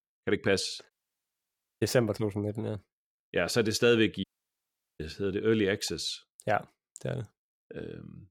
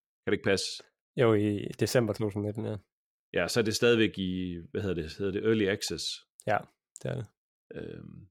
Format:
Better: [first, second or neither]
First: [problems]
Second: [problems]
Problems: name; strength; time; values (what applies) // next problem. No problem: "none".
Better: second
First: audio cutting out; at 1 s for 1 s and at 4 s for 1 s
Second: none